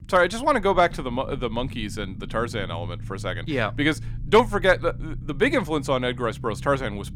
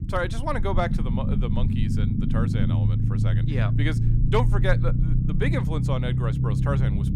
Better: first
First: low rumble; faint; throughout; 25 dB below the speech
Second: low rumble; loud; throughout; 5 dB below the speech

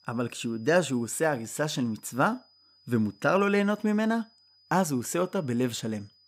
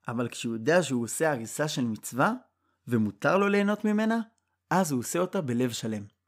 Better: second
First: high-pitched whine; faint; throughout; 5 kHz, 30 dB below the speech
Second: none

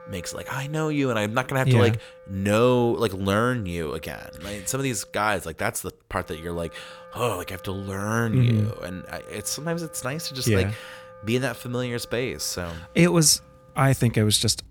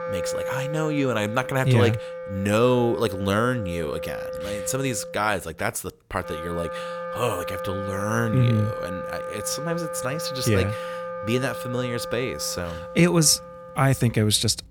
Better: first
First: background music; faint; throughout; 20 dB below the speech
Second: background music; loud; throughout; 8 dB below the speech

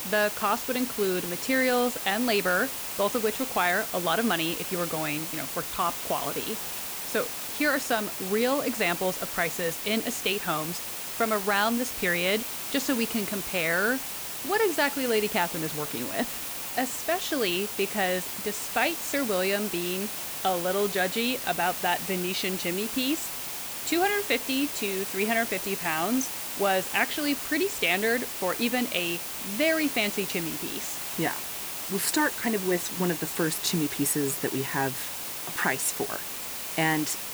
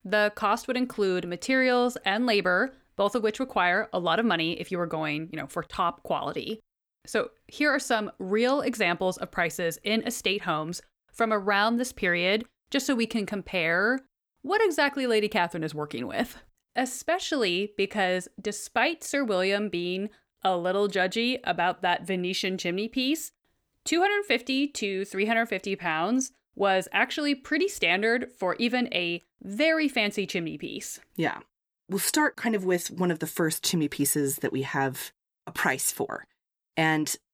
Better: second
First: hiss; loud; throughout; 4 dB below the speech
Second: none

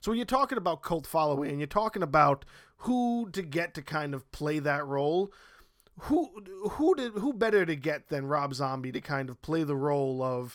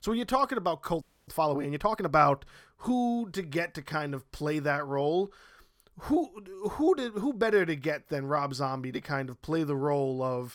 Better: first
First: none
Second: audio freezing; at 1 s

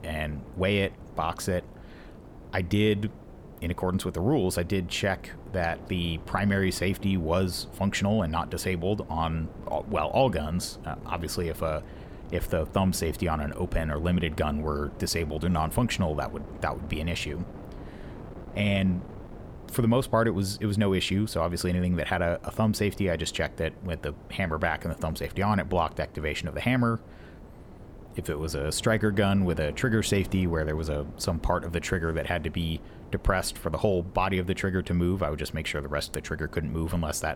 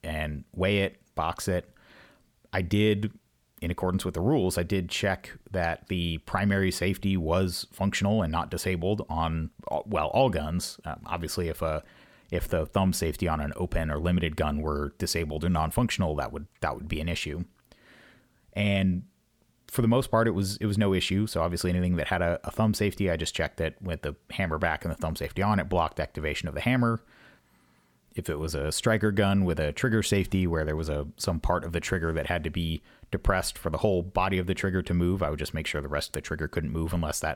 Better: second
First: wind noise on the microphone; occasional gusts; 20 dB below the speech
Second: none

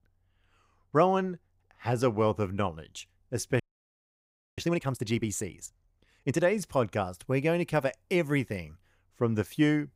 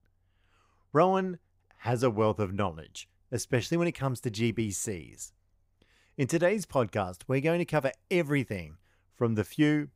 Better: second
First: audio freezing; at 3.5 s for 1 s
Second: none

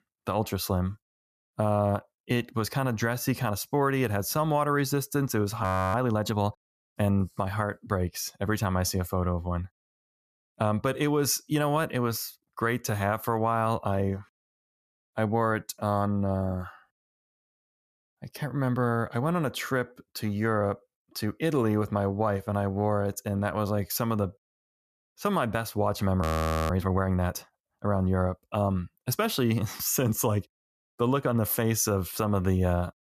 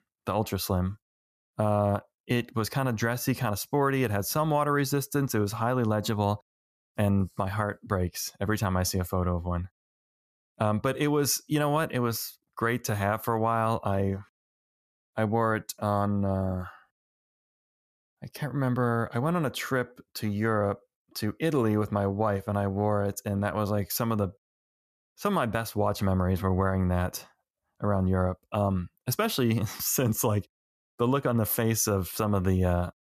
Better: second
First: audio freezing; at 5.5 s and at 26 s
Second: none

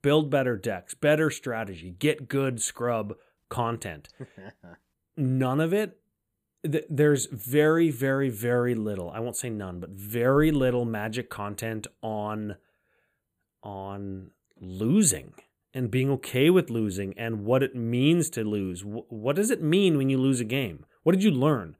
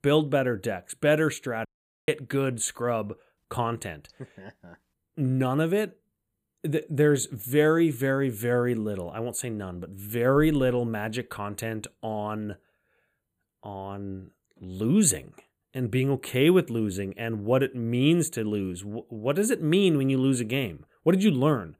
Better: first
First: none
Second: audio cutting out; at 1.5 s

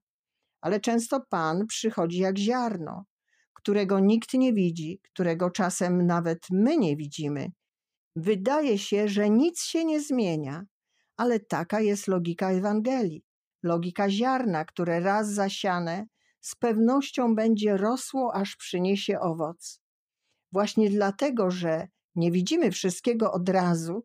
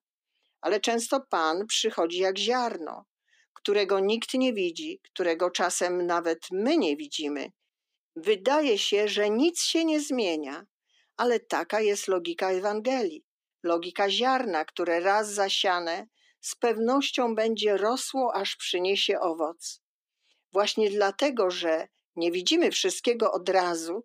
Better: first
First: none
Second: thin; somewhat; fading below 300 Hz

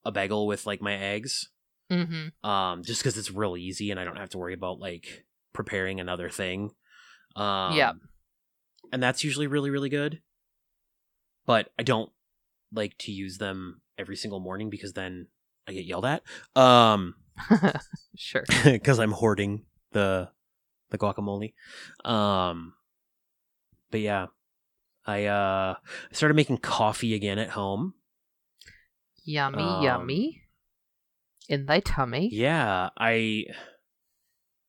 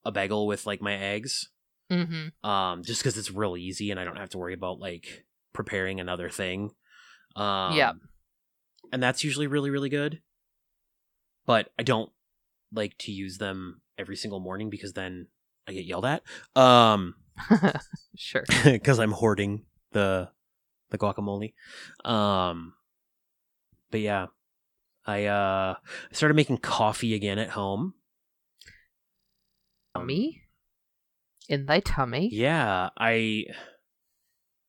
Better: first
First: none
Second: audio freezing; at 29 s for 1 s

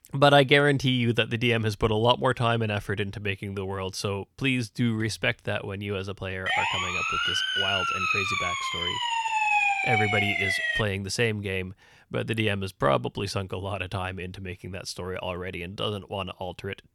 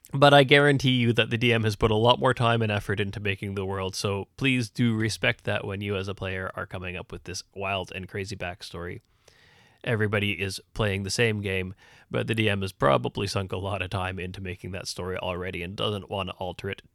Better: second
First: siren; loud; from 6.5 to 11 s; peak 6 dB above the speech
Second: none

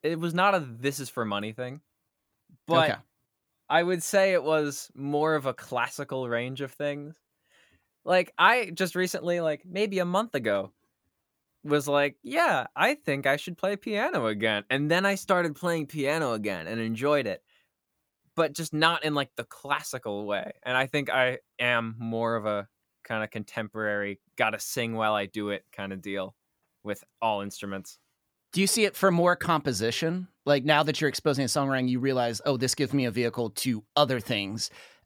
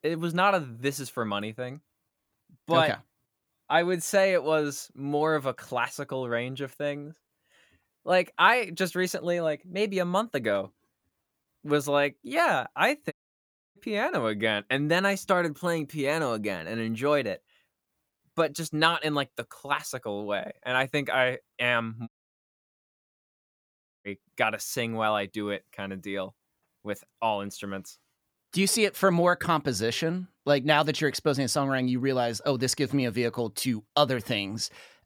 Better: first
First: none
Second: audio cutting out; at 13 s for 0.5 s and at 22 s for 2 s

